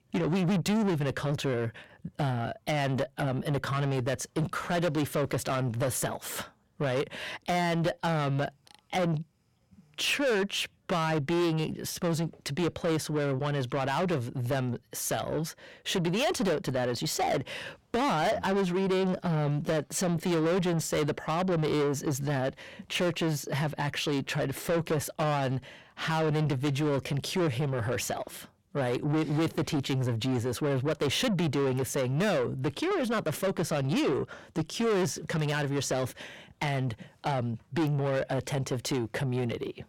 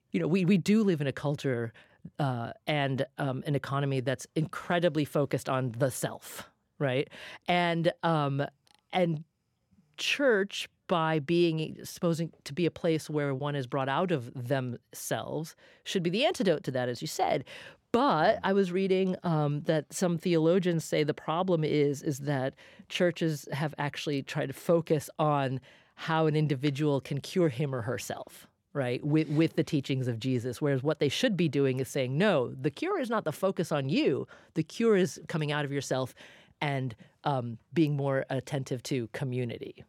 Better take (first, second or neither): second